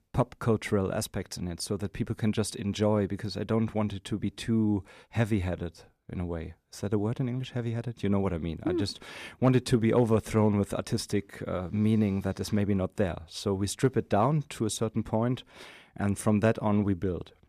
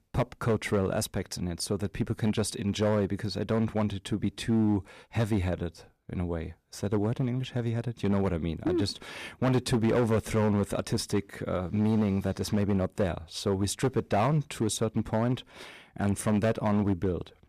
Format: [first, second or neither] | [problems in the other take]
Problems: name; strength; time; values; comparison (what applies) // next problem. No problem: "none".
first | distortion; slight; 8% of the sound clipped